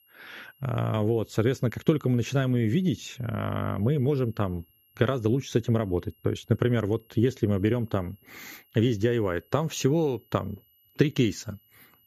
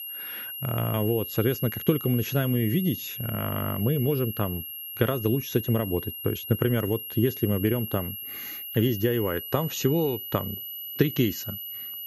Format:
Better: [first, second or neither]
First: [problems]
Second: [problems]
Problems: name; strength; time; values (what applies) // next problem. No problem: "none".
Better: first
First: high-pitched whine; faint; throughout; 11.5 kHz, 35 dB below the speech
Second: high-pitched whine; loud; throughout; 11.5 kHz, 7 dB below the speech